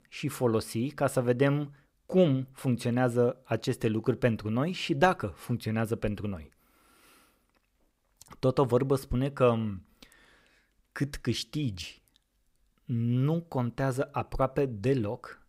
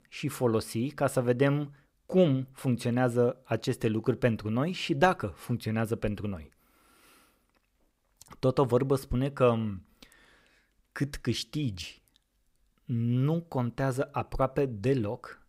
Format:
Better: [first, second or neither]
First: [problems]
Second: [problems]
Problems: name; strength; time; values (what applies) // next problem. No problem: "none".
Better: neither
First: none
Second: none